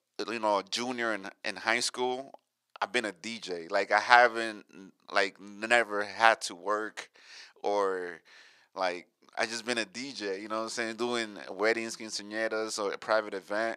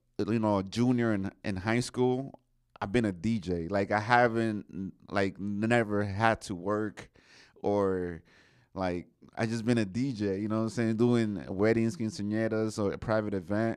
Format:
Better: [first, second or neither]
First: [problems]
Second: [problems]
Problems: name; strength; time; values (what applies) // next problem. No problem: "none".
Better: second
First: thin; very; fading below 650 Hz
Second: none